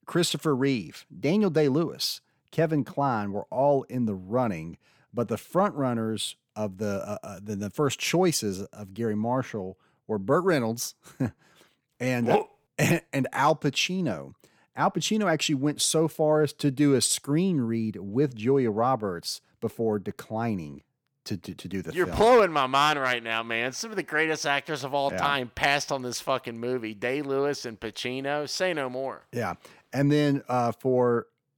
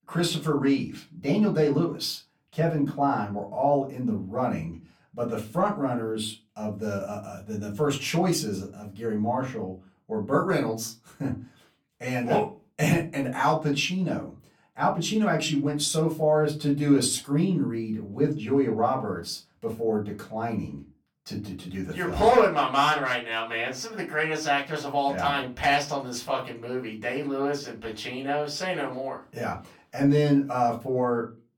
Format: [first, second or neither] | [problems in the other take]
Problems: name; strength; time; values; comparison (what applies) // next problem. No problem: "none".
first | off-mic speech; far // room echo; very slight; dies away in 0.3 s